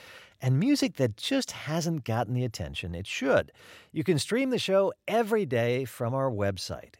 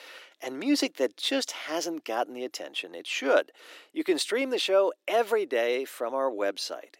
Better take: first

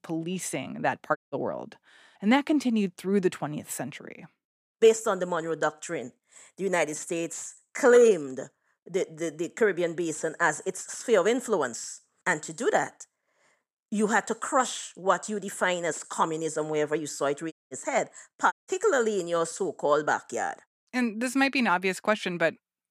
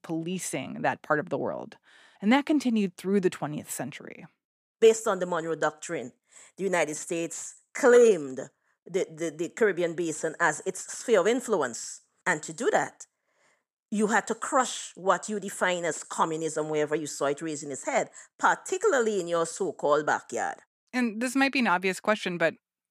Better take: second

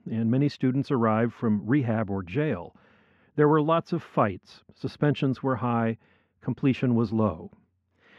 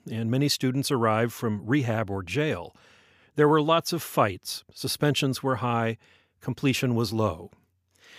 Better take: second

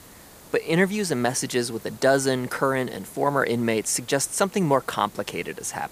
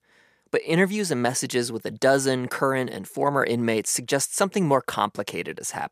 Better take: second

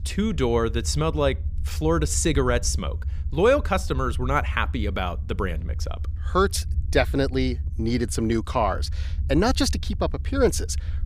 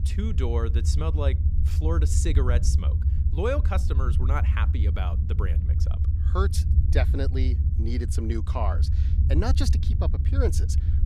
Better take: first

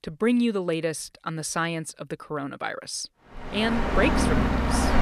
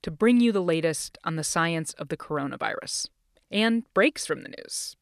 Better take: second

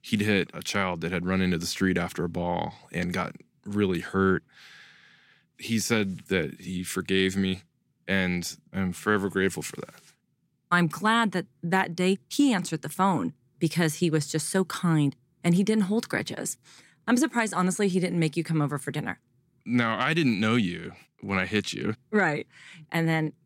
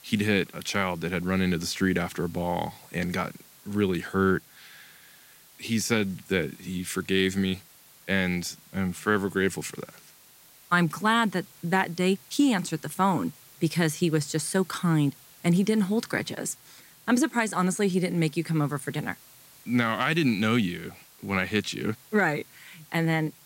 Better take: first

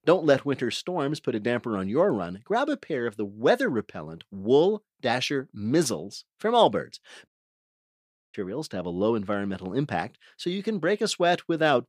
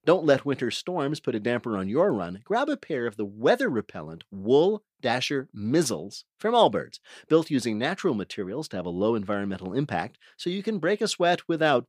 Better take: second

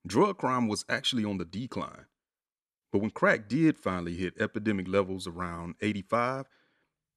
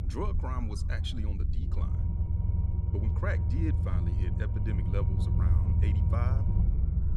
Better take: first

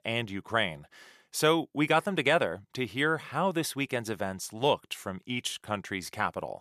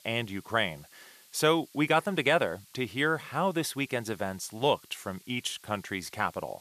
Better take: first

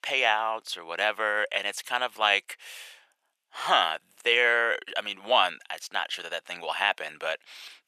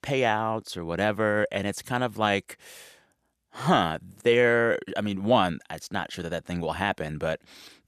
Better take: second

